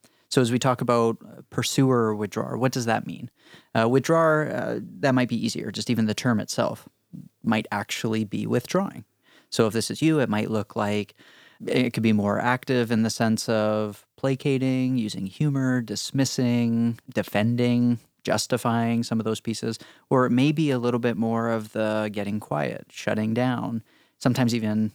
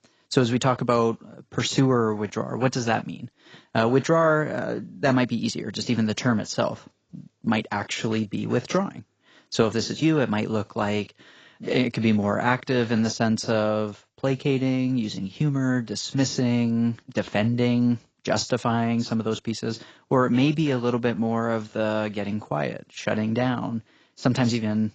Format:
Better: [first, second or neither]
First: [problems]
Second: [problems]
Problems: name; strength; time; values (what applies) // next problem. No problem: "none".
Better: first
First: none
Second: garbled, watery; badly; nothing above 7.5 kHz